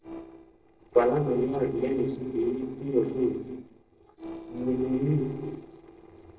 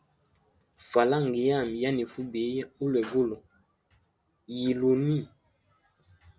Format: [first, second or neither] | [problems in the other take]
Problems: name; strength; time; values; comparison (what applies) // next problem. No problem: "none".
second | noise reduction (neural separator model SepFormer DNS4)